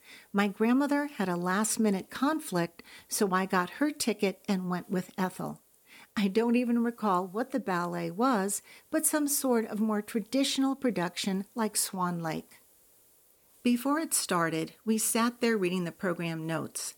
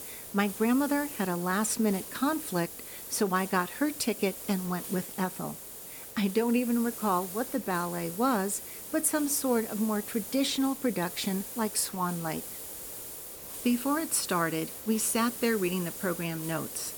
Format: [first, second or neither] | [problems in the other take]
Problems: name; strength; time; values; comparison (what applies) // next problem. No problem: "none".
first | hiss; loud; throughout; 9 dB below the speech; faint in the first